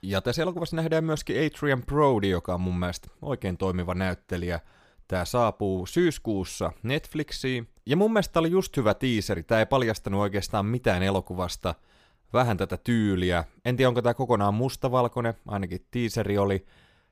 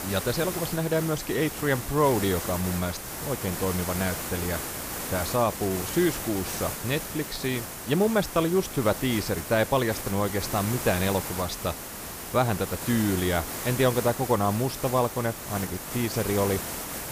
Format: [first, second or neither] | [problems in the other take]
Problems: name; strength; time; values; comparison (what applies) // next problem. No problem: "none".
first | hiss; loud; throughout; 6 dB below the speech